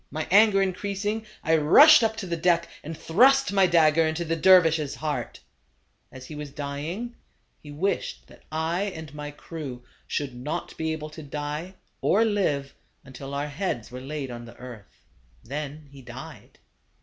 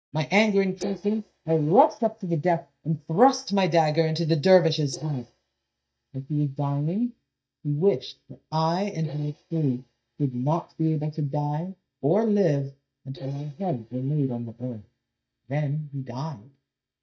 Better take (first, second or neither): first